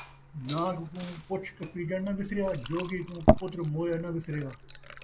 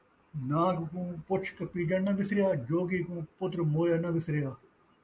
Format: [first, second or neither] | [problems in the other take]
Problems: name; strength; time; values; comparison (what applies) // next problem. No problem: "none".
second | background sound (Fill (with liquid) / Glass); as loud as the speech